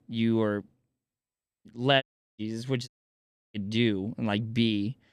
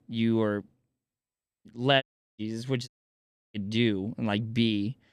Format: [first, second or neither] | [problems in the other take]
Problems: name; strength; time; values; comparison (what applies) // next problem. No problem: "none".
neither | audio cutting out; at 2 s and at 3 s for 0.5 s; the same in both